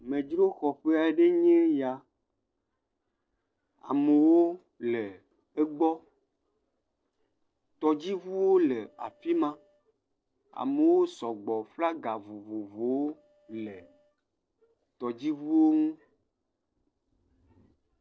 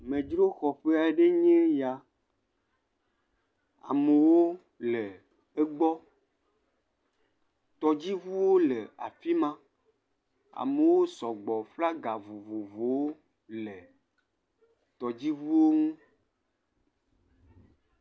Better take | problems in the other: second | noise reduction (neural separator model SepFormer DNS4)

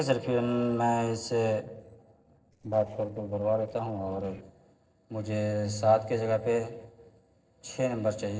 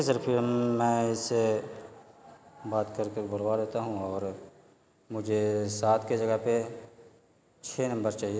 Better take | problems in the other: second | noise reduction (neural separator model SepFormer DNS4)

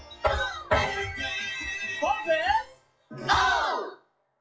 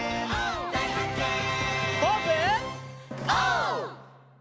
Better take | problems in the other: second | noise reduction (classical method WPE with log-MMSE)

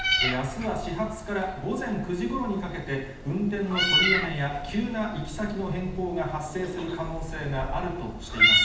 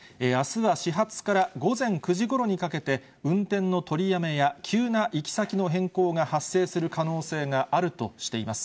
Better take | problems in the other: second | background sound (Meow); 1 dB above the speech // room echo; dies away in 0.9 s

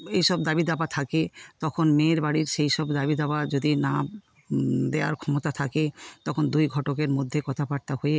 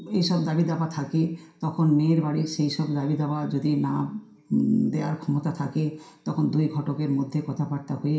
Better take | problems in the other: first | room echo; dies away in 0.5 s

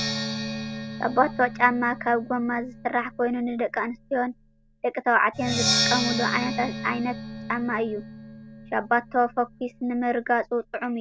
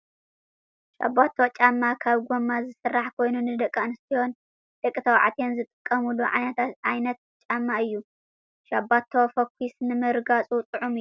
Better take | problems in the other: second | background sound (Percussion); 7 dB below the speech

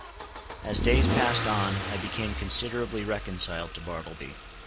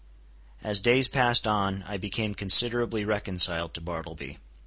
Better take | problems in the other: second | background sound (Engine starting / Accelerating, revving, vroom / Car); as loud as the speech

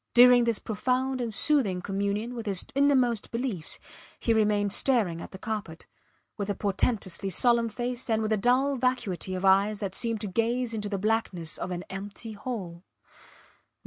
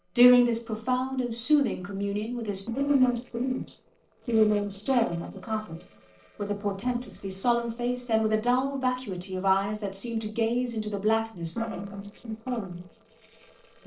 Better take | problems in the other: first | noise reduction (neural separator model SepFormer DNS4)

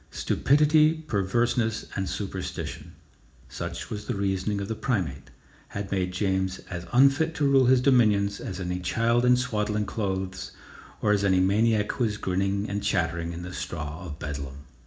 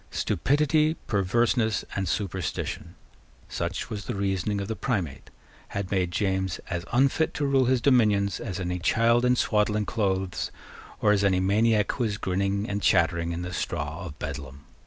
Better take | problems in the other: second | room echo; dies away in 0.4 s

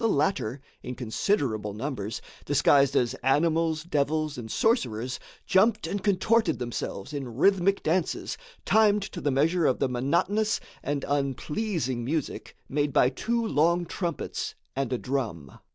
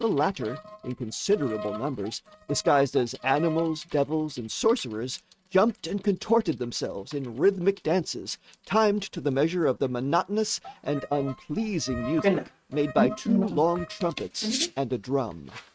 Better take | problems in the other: first | noise reduction (neural mask model RNNoise)

